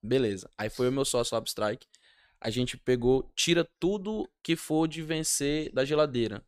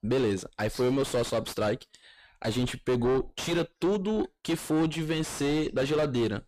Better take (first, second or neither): first